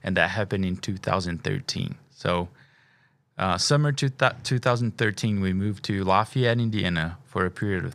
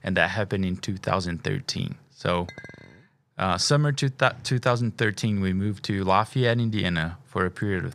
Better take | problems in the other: first | clattering dishes; faint; at 2.5 s; peak 15 dB below the speech

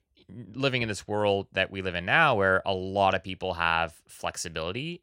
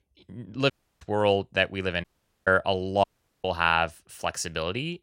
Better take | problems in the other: first | audio cutting out; at 0.5 s, at 2 s and at 3 s

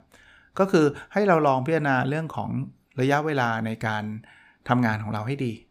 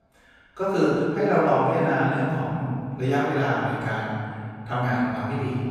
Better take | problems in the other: first | off-mic speech; far // room echo; strong; dies away in 2.2 s

